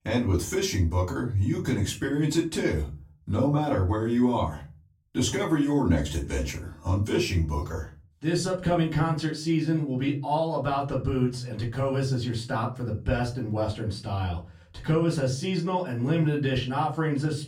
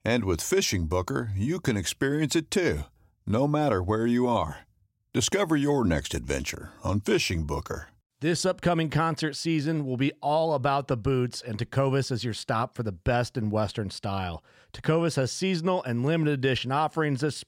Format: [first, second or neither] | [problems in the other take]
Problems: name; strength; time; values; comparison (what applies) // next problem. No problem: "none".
second | off-mic speech; far // room echo; very slight; dies away in 0.3 s